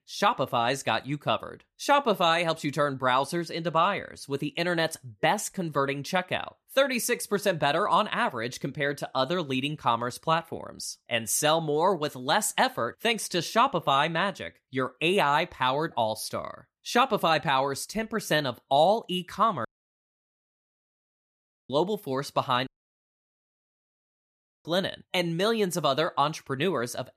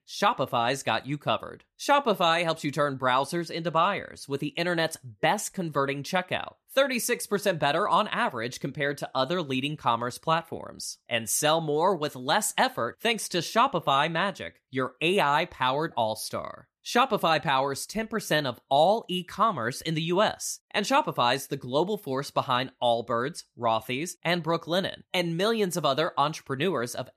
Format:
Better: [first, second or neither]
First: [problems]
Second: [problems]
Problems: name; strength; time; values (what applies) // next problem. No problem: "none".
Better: second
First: audio cutting out; at 20 s for 2 s and at 23 s for 2 s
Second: none